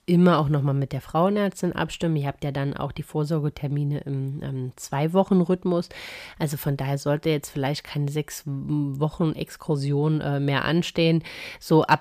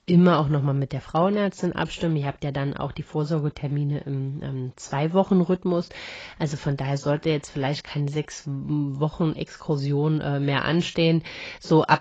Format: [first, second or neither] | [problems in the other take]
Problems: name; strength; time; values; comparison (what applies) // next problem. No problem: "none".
first | garbled, watery; badly; nothing above 7.5 kHz